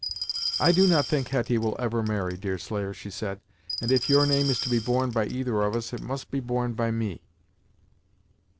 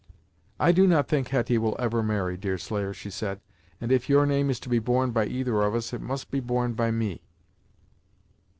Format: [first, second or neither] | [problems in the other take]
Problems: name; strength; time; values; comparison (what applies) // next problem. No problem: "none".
second | background sound (Glass); 7 dB below the speech